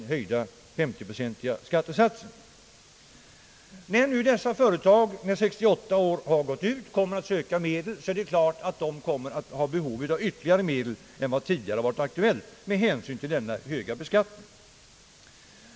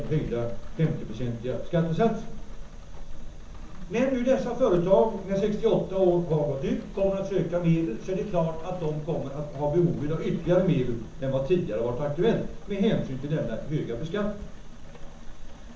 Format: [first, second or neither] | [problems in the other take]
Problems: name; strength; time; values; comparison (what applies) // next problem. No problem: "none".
first | background sound (Rain); 9 dB below the speech // room echo; dies away in 0.7 s